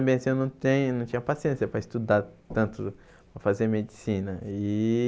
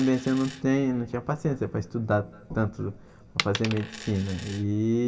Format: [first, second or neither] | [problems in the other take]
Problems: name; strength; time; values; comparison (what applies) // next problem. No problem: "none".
first | background sound (Coin (dropping)); 13 dB below the speech // room echo; dies away in 2.7 s